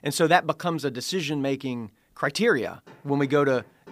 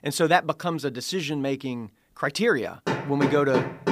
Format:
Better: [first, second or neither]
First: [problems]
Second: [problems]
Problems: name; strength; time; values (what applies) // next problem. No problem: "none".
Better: first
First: machinery noise; faint; from 3 s on; 25 dB below the speech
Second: machinery noise; loud; from 3 s on; 3 dB below the speech